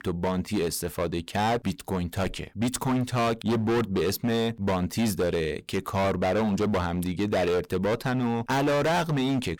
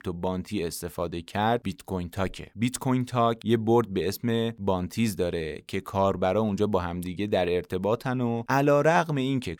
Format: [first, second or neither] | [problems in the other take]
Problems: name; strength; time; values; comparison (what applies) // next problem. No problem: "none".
second | distortion; heavy; 21% of the sound clipped